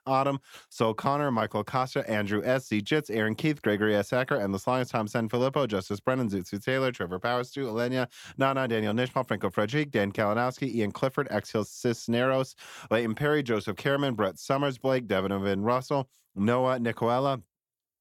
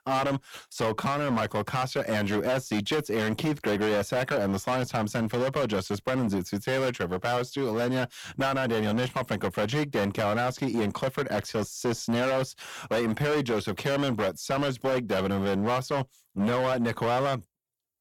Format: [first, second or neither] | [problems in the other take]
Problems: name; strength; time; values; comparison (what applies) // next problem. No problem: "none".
first | distortion; heavy; 17% of the sound clipped